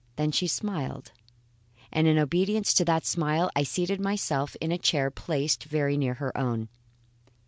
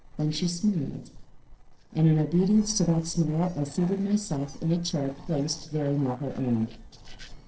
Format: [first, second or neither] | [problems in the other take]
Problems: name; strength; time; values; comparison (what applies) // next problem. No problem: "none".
first | noise reduction (neural separator model SepFormer DNS4)